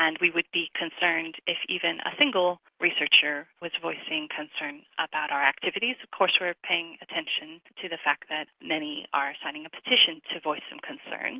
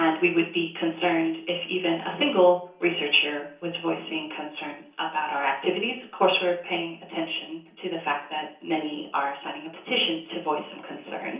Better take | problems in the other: first | room echo; dies away in 0.6 s

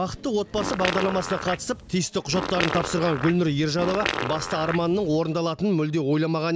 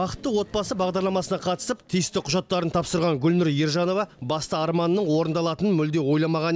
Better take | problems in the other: second | background sound (Fart); 6 dB below the speech

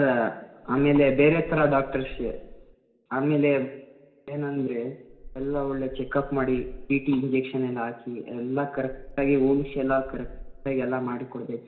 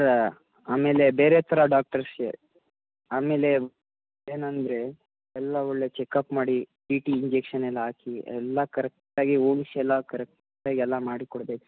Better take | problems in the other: second | background sound (Meow); 15 dB below the speech // room echo; dies away in 1.1 s

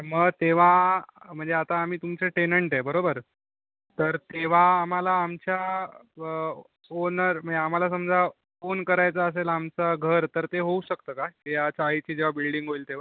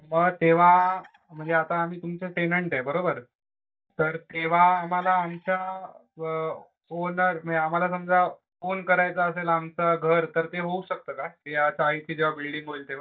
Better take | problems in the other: first | noise reduction (neural mask model DeepFilterNet 3)

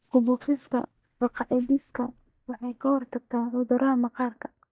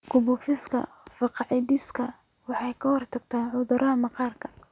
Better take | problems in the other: second | noise reduction (neural mask model DeepFilterNet 3)

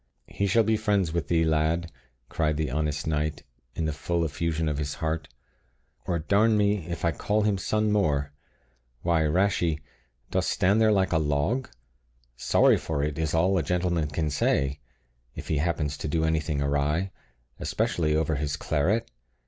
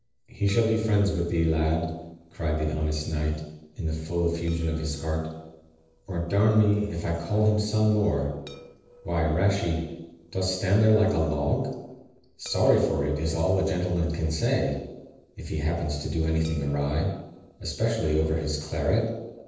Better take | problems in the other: first | noise reduction (neural separator model SepFormer DNS4)

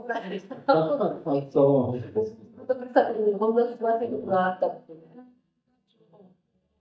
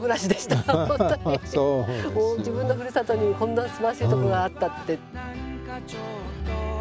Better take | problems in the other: second | noise reduction (neural mask model DeepFilterNet 3)

